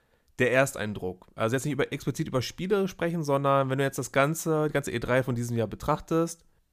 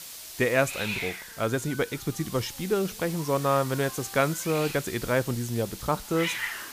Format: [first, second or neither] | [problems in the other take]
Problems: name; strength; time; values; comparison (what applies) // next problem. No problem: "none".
first | hiss; loud; throughout; 8 dB below the speech